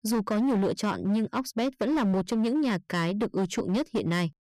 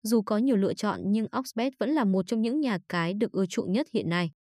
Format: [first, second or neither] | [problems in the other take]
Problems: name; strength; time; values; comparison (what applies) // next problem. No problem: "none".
second | distortion; slight; 17% of the sound clipped